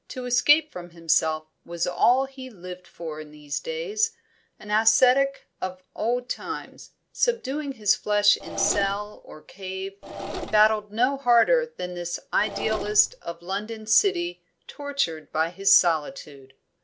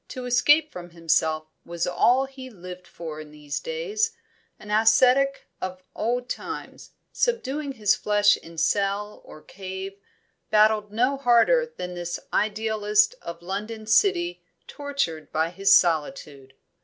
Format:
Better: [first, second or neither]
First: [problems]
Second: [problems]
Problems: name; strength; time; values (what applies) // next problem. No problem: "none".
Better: second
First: background sound (Engine / Mechanisms); 9 dB below the speech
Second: none